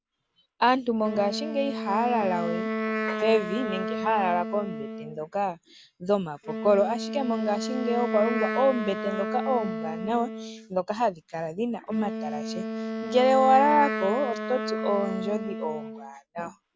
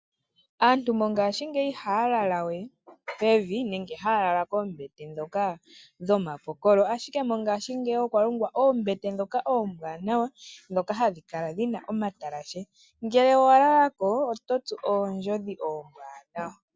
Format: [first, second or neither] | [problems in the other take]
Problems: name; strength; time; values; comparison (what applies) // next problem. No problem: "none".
second | background sound (Wind instrument, woodwind instrument); 5 dB below the speech